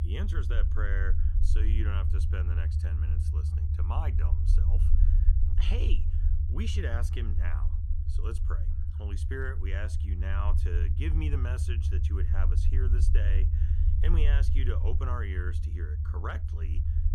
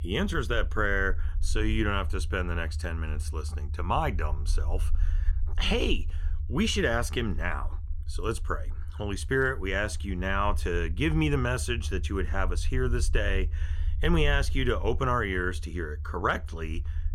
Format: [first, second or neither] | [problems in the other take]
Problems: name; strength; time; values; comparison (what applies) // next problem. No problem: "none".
second | low rumble; loud; throughout; 5 dB below the speech; faint in the second